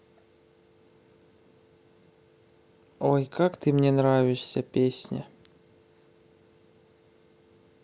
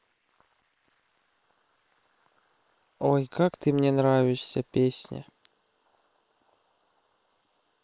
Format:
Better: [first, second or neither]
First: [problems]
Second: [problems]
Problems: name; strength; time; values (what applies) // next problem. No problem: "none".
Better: first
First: none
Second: noise reduction (neural separator model SepFormer WHAM!)